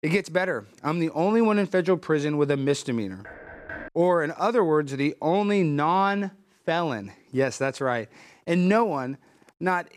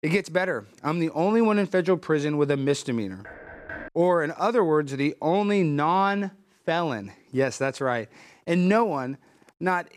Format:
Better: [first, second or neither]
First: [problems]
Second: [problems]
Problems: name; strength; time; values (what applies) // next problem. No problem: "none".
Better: neither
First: door banging; faint; at 3 s; peak 15 dB below the speech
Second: door banging; faint; at 3 s; peak 15 dB below the speech